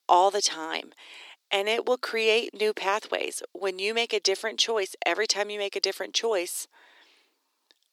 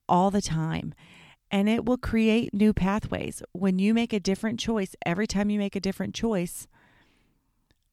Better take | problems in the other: second | thin; very; fading below 350 Hz

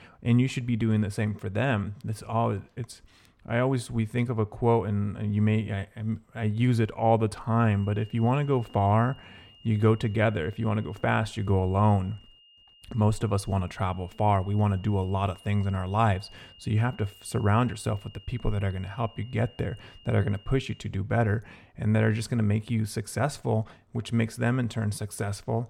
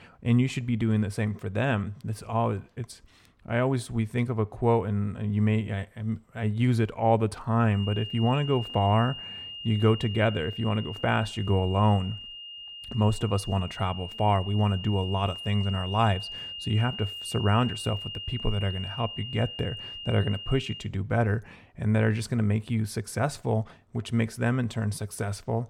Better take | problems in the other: first | high-pitched whine; loud; from 8 to 21 s; 3 kHz, 10 dB below the speech; faint in the first

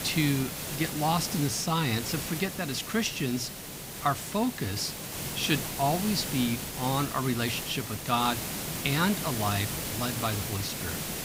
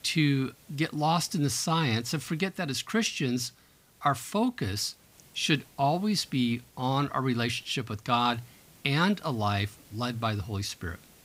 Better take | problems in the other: second | hiss; loud; throughout; 4 dB below the speech; faint in the second

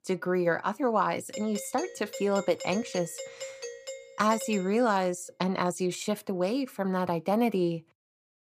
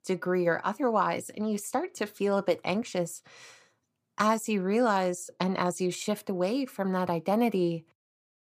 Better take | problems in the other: second | doorbell; noticeable; from 1.5 to 5 s; peak 10 dB below the speech

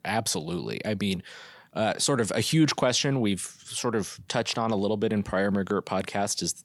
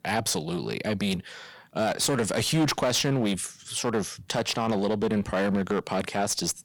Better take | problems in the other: first | distortion; slight; 10% of the sound clipped

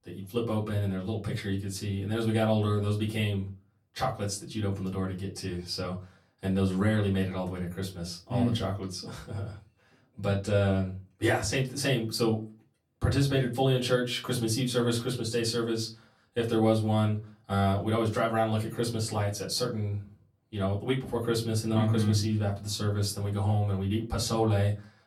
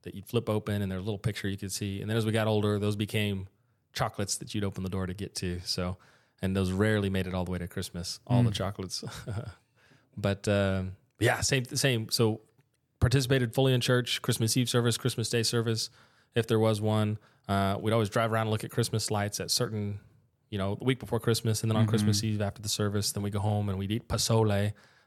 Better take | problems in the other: second | off-mic speech; far // room echo; very slight; dies away in 0.3 s

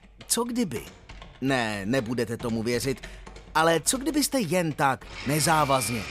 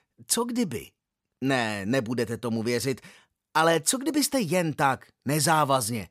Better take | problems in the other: second | household noises; noticeable; throughout; 15 dB below the speech

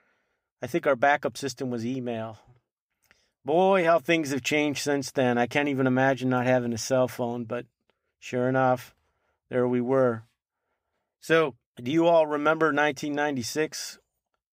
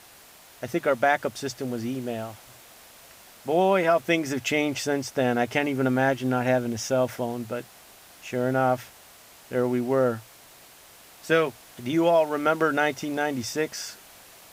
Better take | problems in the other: first | hiss; faint; throughout; 25 dB below the speech

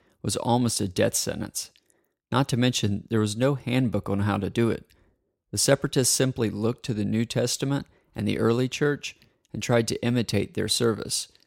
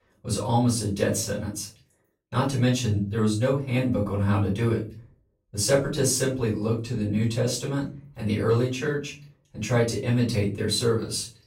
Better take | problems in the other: first | off-mic speech; far // room echo; slight; dies away in 0.4 s

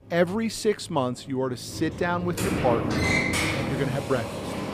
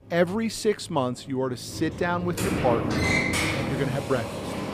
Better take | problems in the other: neither | door banging; loud; from 1.5 s on; peak 5 dB above the speech; the same in both

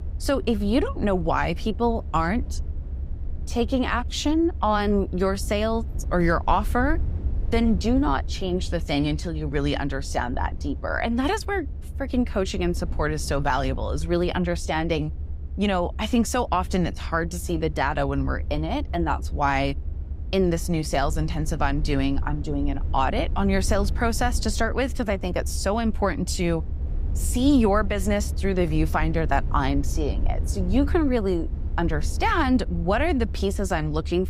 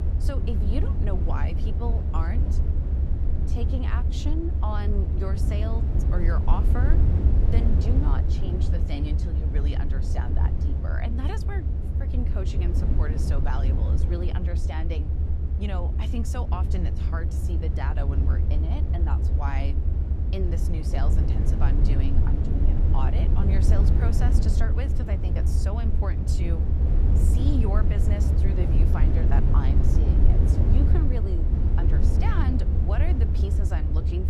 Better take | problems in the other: first | low rumble; loud; throughout; 1 dB below the speech; faint in the first

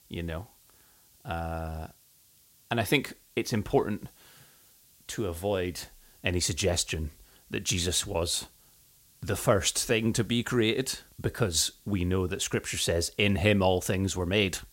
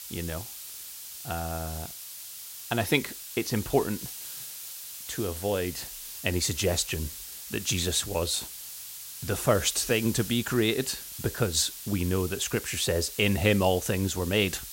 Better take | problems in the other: first | hiss; loud; throughout; 10 dB below the speech; faint in the first

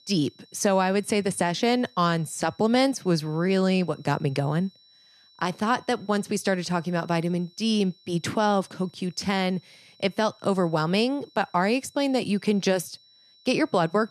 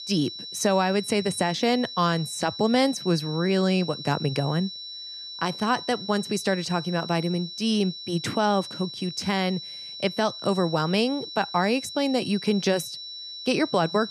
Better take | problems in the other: first | high-pitched whine; loud; throughout; 4 kHz, 10 dB below the speech; faint in the first

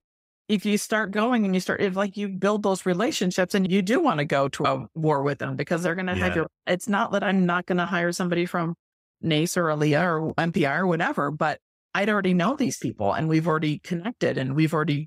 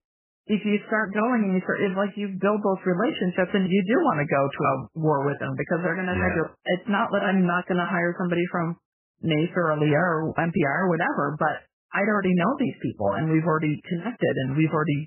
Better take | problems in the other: first | garbled, watery; badly; nothing above 3 kHz

